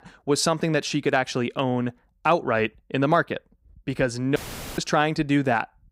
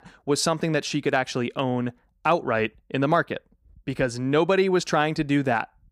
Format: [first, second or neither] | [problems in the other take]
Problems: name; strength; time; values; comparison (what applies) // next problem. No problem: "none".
second | audio cutting out; filled with static; at 4.5 s